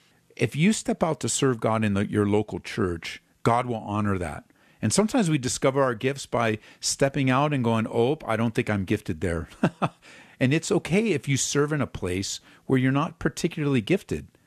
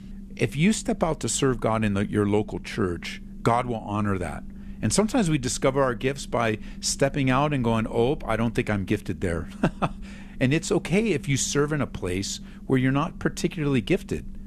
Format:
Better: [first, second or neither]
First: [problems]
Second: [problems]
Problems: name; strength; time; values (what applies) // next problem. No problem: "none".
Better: first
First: none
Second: low rumble; faint; throughout; 25 dB below the speech